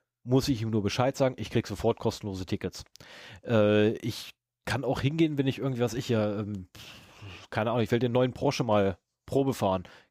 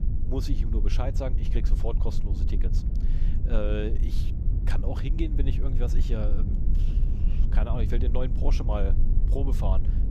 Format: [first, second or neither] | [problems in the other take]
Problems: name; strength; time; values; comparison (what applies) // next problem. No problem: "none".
first | low rumble; loud; throughout; 7 dB below the speech